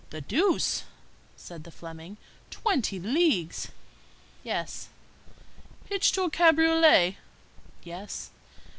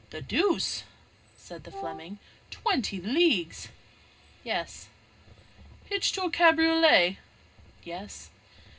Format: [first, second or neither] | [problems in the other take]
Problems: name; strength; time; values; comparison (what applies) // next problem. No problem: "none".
first | background sound (Wind instrument, woodwind instrument); 10 dB below the speech // room echo; dies away in 0.2 s